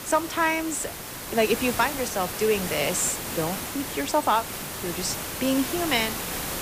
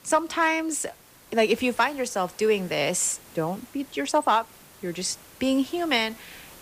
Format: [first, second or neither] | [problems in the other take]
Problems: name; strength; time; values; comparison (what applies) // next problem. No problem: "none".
second | hiss; loud; throughout; 5 dB below the speech; faint in the second